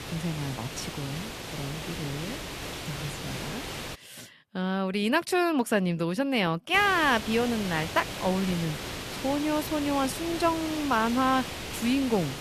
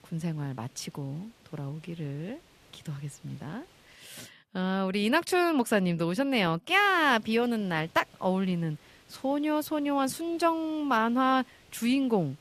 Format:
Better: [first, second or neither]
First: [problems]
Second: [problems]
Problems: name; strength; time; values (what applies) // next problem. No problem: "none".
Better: second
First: hiss; loud; until 4 s and from 6.5 s on; 8 dB below the speech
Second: hiss; faint; until 4 s and from 6.5 s on; 30 dB below the speech